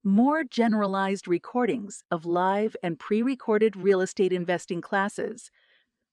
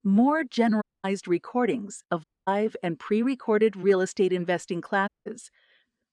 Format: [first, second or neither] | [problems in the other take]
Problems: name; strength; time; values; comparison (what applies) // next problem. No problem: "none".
first | audio cutting out; at 1 s, at 2 s and at 5 s